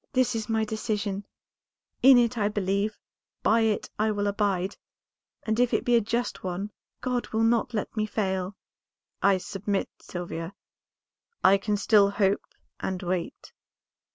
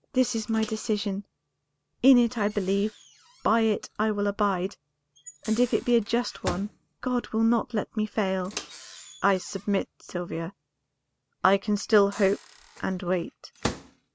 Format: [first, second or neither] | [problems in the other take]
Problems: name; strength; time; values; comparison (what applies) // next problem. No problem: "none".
first | background sound (Microwave oven); 17 dB below the speech